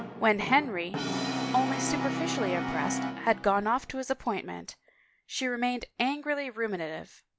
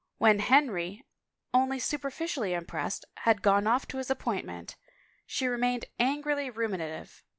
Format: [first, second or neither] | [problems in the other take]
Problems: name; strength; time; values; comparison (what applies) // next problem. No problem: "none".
second | background sound (Brass instrument); 5 dB below the speech